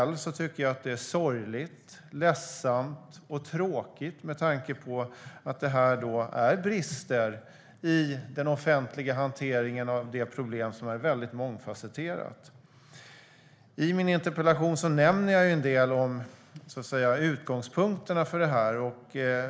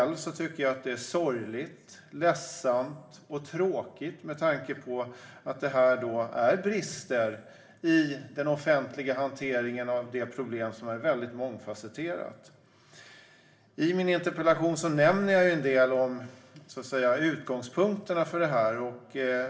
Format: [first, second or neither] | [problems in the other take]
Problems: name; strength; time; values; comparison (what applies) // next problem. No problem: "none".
first | room echo; dies away in 0.6 s